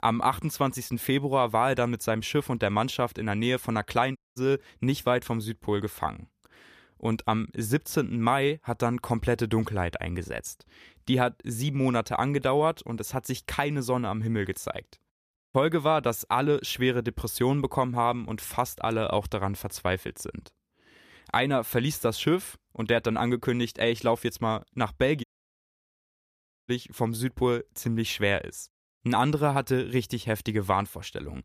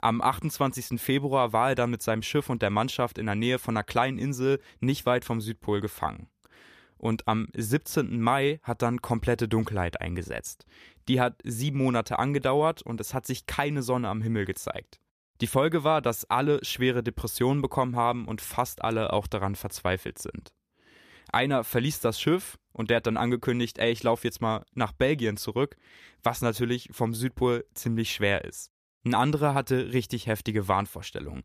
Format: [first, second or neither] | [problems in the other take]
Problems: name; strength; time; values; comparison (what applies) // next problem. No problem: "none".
second | audio cutting out; at 4 s, at 15 s and at 25 s for 1.5 s